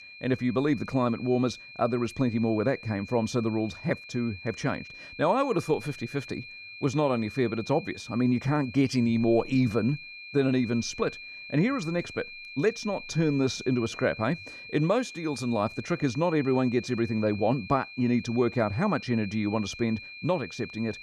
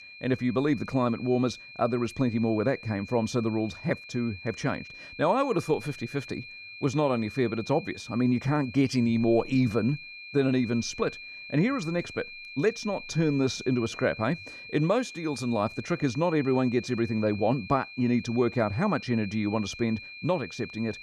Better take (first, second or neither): neither